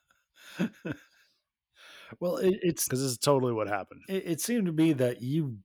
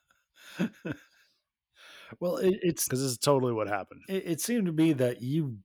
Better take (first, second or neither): neither